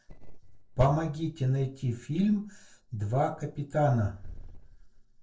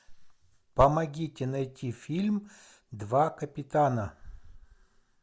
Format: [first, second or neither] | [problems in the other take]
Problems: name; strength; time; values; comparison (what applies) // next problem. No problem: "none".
second | noise reduction (neural separator model SepFormer DNS4)